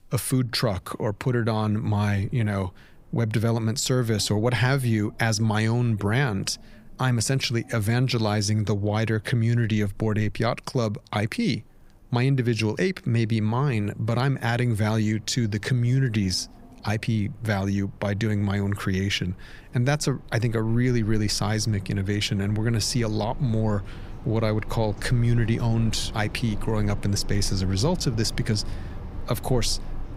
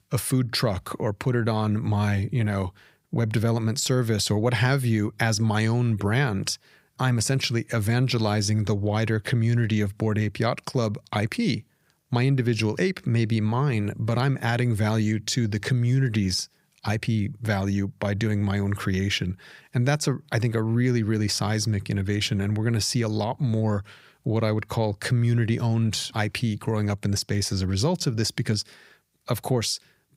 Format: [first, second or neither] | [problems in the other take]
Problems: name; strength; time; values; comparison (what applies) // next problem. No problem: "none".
second | wind in the background; noticeable; throughout; 15 dB below the speech